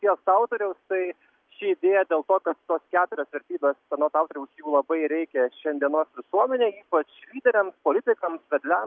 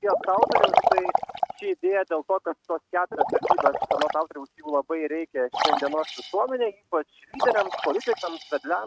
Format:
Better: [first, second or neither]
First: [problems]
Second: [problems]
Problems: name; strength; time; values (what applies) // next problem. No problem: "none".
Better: first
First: none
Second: noise reduction (neural mask model RNNoise)